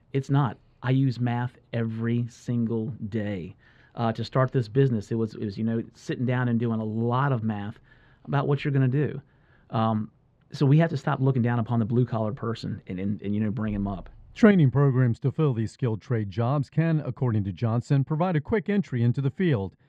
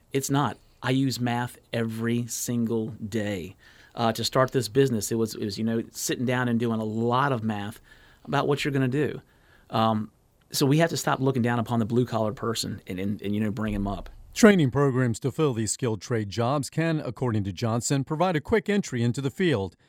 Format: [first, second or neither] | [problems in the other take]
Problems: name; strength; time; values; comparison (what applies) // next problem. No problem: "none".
second | muffled; slightly; fading above 2.5 kHz